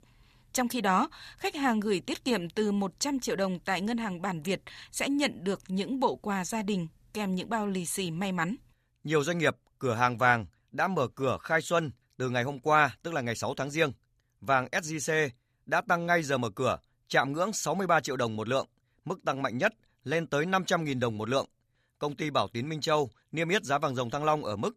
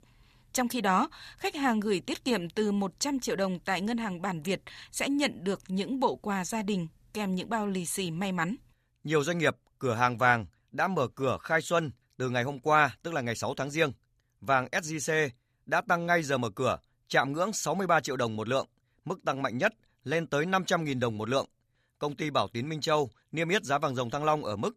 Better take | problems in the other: neither | none

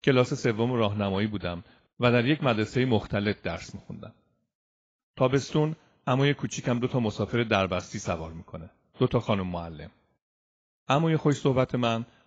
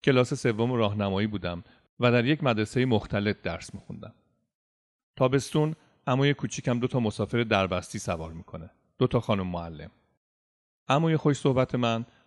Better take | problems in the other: second | garbled, watery; badly; nothing above 7.5 kHz

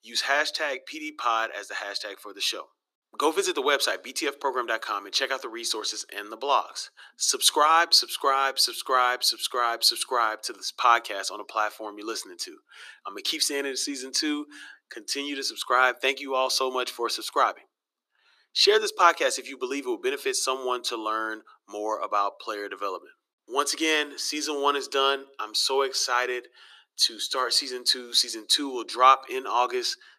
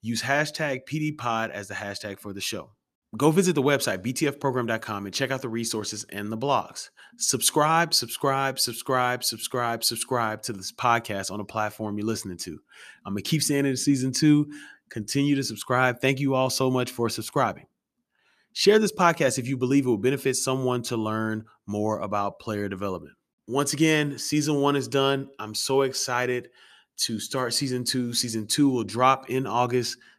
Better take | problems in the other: second | thin; very; fading below 350 Hz

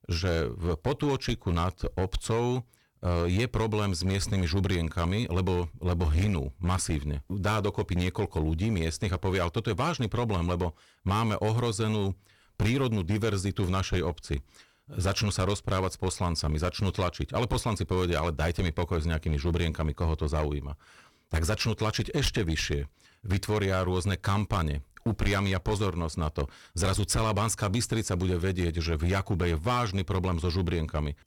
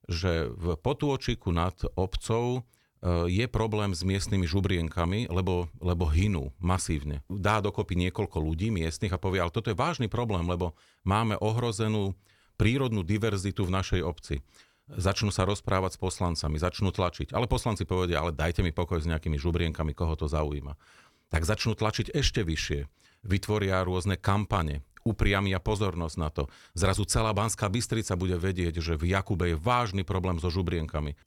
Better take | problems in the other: second | distortion; slight; 9% of the sound clipped

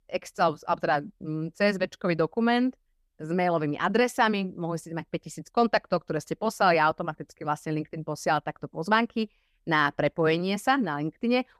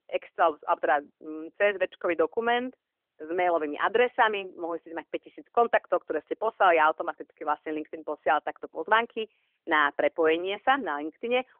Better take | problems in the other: first | phone-call audio; nothing above 3 kHz

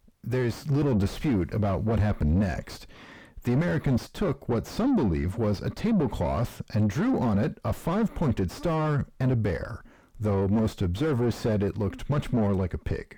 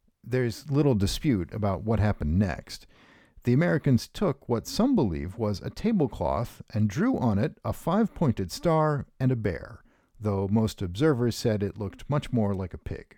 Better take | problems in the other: second | distortion; heavy; 6 dB below the speech

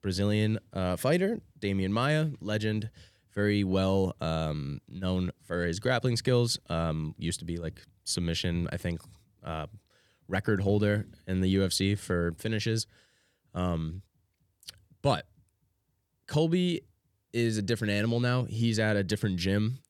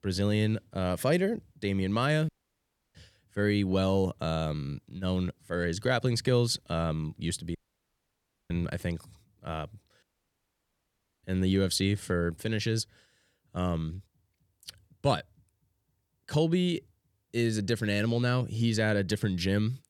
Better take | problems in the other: first | audio cutting out; at 2.5 s for 0.5 s, at 7.5 s for 1 s and at 10 s for 1 s

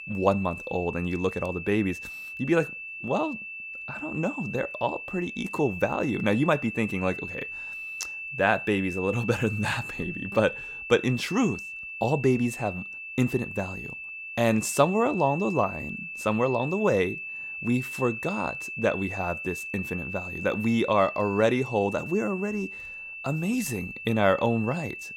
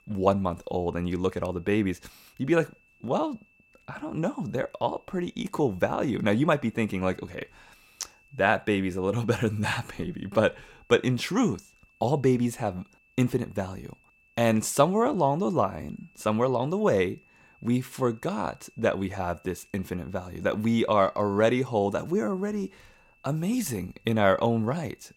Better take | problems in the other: second | high-pitched whine; loud; throughout; 2.5 kHz, 8 dB below the speech; faint in the second

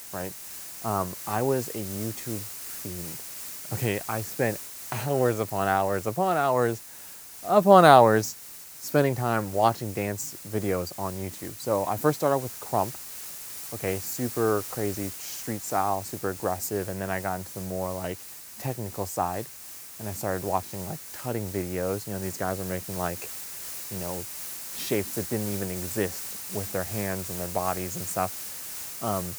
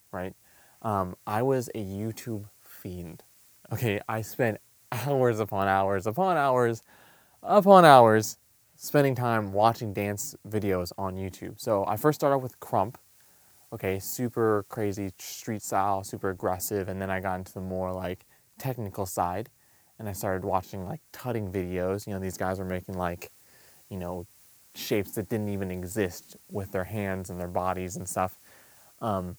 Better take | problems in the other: second | hiss; loud; throughout; 9 dB below the speech; faint in the second

